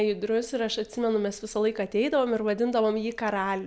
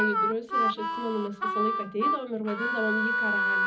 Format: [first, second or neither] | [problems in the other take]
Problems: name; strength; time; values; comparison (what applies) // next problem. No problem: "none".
first | background sound (Harmonica); 4 dB above the speech // room echo; dies away in 0.4 s